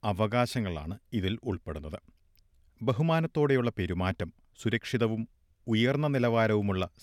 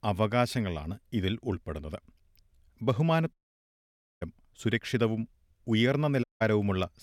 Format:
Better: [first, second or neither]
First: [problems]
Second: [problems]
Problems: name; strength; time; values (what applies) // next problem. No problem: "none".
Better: first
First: none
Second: audio cutting out; at 3.5 s for 1 s and at 6 s